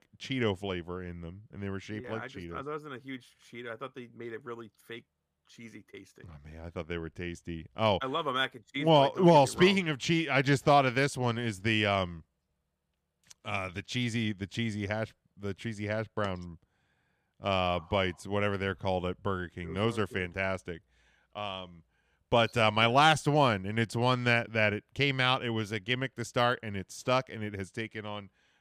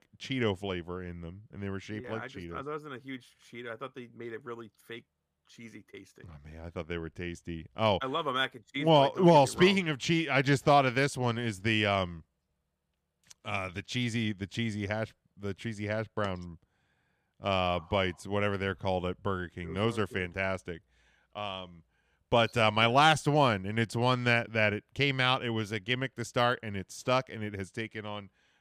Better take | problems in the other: neither | none

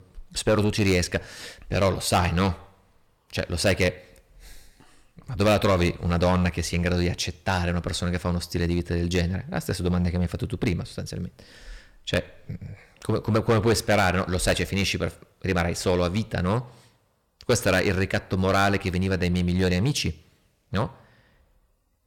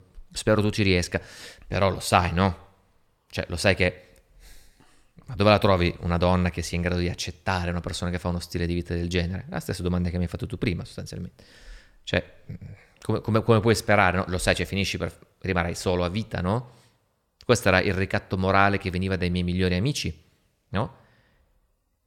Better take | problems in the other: second | distortion; heavy; 4% of the sound clipped

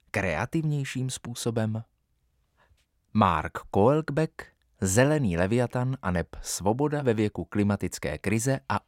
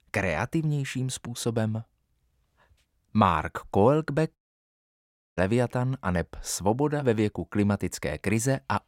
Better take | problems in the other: first | audio cutting out; at 4.5 s for 1 s

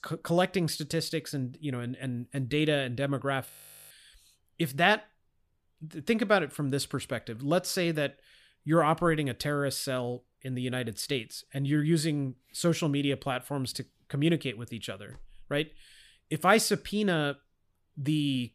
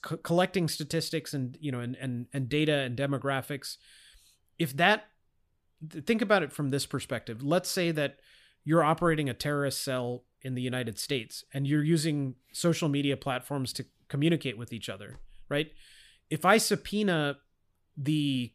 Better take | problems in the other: second | audio freezing; at 3.5 s

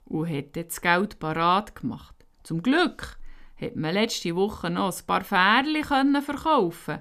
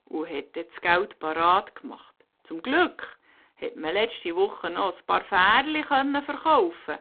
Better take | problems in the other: first | phone-call audio; poor line

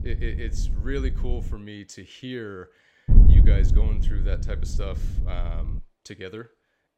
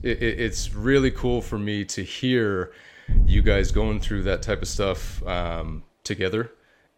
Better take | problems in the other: second | wind noise on the microphone; heavy; until 1.5 s and from 3 to 6 s; 3 dB below the speech; occasional gusts in the second

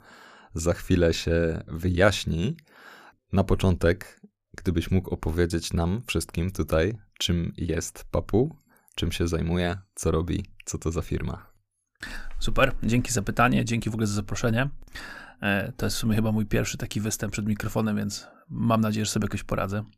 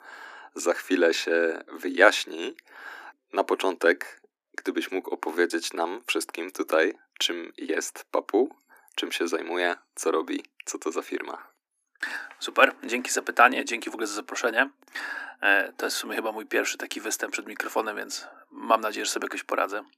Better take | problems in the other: first | thin; very; fading below 250 Hz

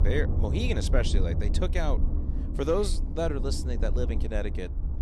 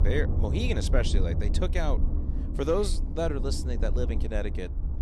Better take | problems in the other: neither | low rumble; noticeable; throughout; 10 dB below the speech; the same in both

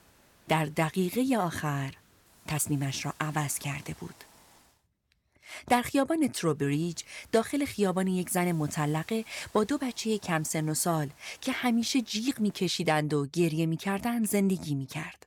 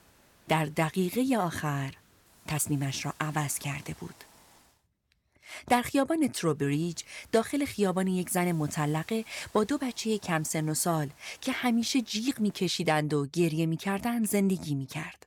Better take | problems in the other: neither | hiss; faint; until 4.5 s and from 6.5 to 13 s; 25 dB below the speech; the same in both

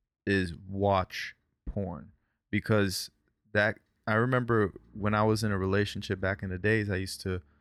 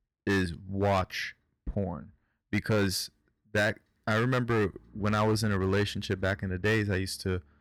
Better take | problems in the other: first | distortion; slight; 6% of the sound clipped

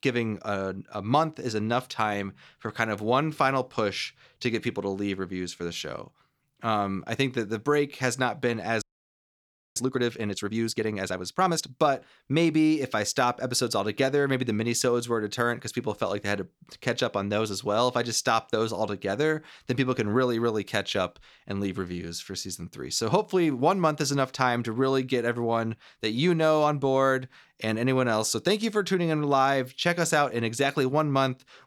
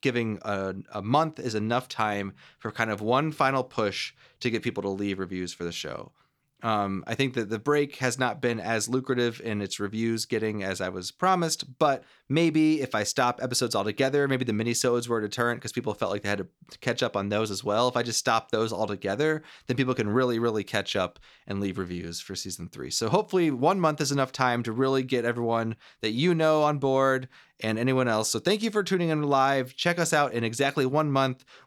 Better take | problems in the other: second | audio freezing; at 9 s for 1 s

